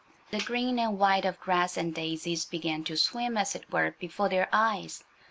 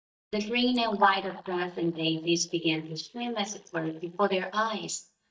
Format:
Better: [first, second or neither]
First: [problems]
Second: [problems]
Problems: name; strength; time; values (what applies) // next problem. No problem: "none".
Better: first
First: none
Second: noise reduction (neural mask model DeepFilterNet 3)